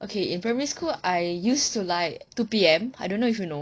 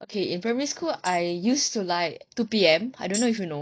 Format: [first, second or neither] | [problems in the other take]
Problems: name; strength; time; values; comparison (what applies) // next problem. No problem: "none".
first | noise reduction (neural mask model DeepFilterNet 3)